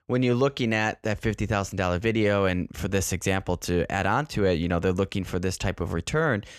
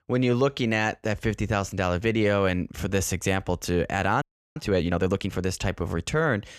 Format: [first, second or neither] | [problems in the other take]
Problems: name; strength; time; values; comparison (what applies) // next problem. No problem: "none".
first | audio freezing; at 4 s